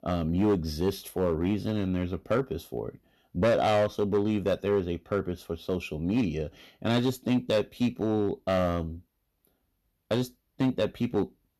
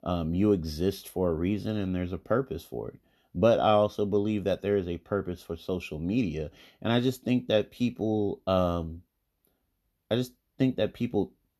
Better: second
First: distortion; slight; 5% of the sound clipped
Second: none

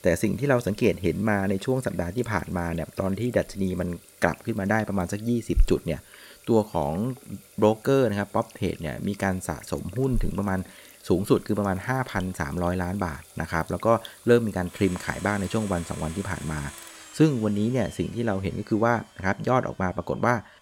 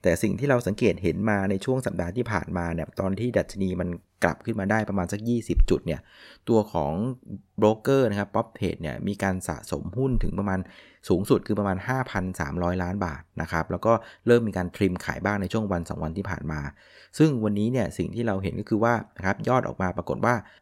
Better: second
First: household noises; faint; throughout; 20 dB below the speech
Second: none

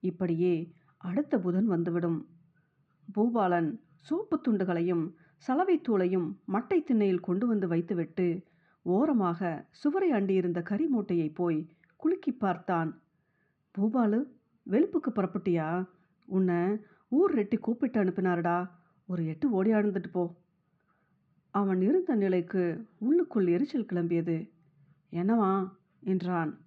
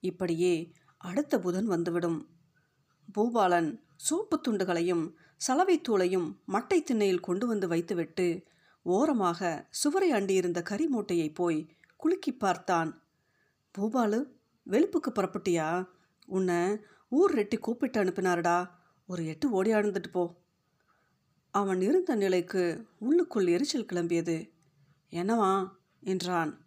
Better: second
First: muffled; very; fading above 2.5 kHz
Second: none

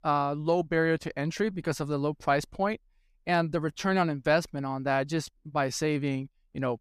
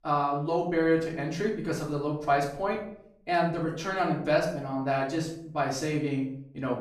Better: first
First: none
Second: off-mic speech; far // room echo; noticeable; dies away in 0.5 s

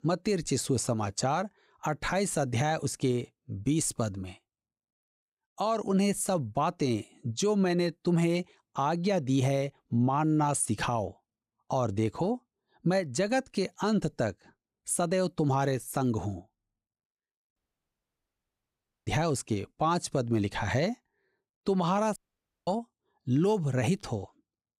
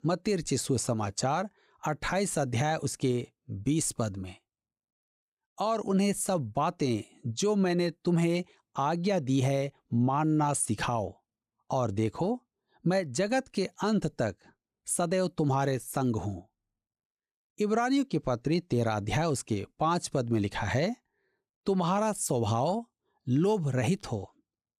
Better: second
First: audio cutting out; at 18 s for 1.5 s and at 22 s for 0.5 s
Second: none

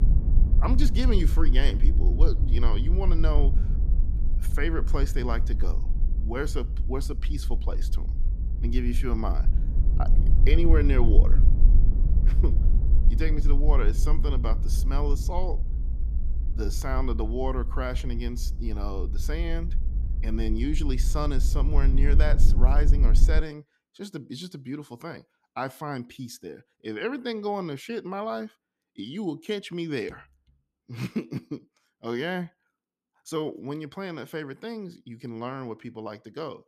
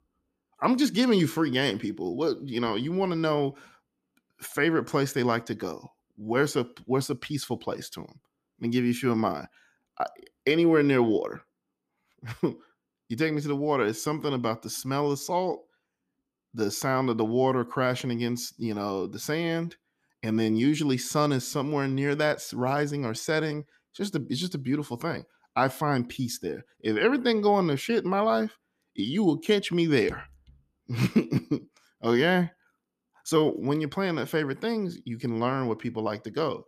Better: second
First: low rumble; noticeable; until 23 s; 10 dB below the speech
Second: none

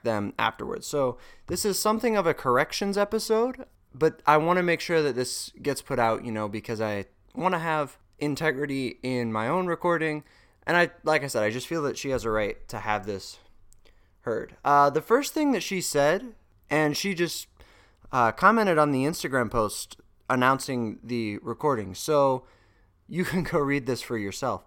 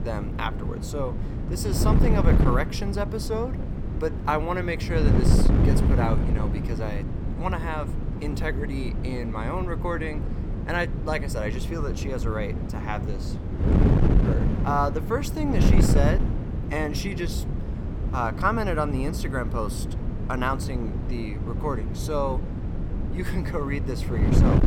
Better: first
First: none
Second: wind noise on the microphone; heavy; 5 dB below the speech

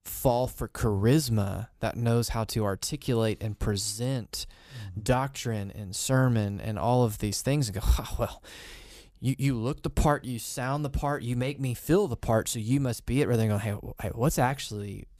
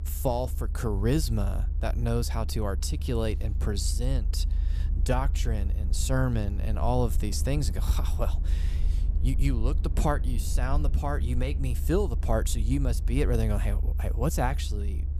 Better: first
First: none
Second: low rumble; noticeable; throughout; 15 dB below the speech

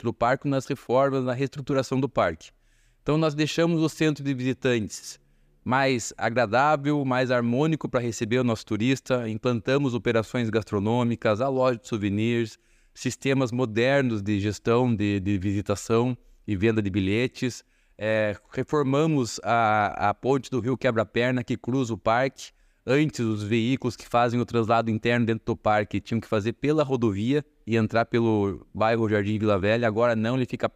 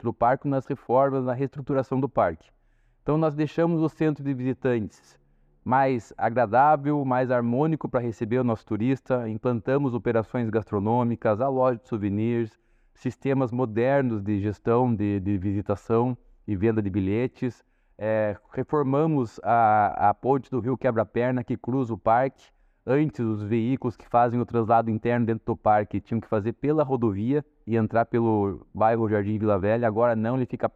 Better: first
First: none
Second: muffled; very; fading above 2.5 kHz

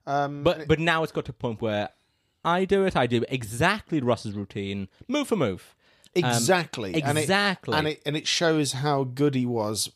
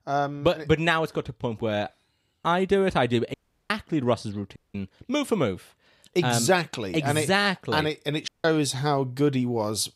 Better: first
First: none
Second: audio cutting out; at 3.5 s, at 4.5 s and at 8.5 s

